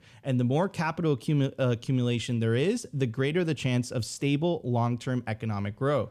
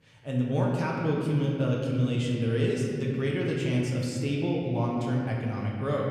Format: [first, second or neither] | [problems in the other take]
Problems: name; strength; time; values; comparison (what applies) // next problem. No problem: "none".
first | room echo; noticeable; dies away in 2.1 s // off-mic speech; somewhat distant